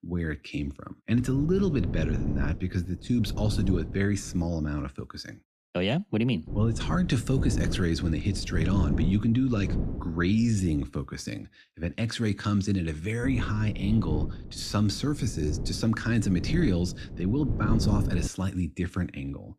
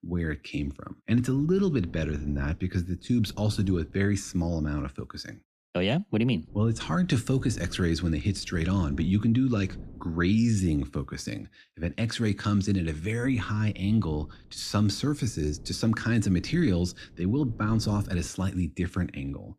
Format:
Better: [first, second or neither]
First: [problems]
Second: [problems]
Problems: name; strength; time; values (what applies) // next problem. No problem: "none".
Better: second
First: wind noise on the microphone; heavy; from 1 to 4.5 s, from 6.5 to 11 s and from 13 to 18 s; 9 dB below the speech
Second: wind noise on the microphone; occasional gusts; from 1 to 4.5 s, from 6.5 to 11 s and from 13 to 18 s; 20 dB below the speech